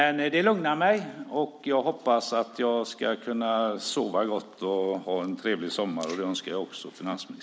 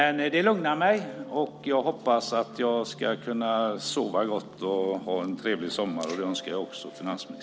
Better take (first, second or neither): first